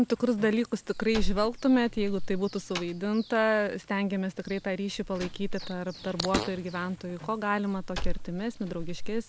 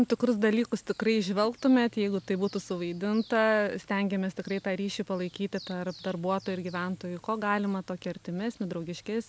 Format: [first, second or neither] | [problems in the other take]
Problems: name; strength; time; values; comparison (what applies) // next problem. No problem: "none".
second | background sound (Fart + Slam); 5 dB below the speech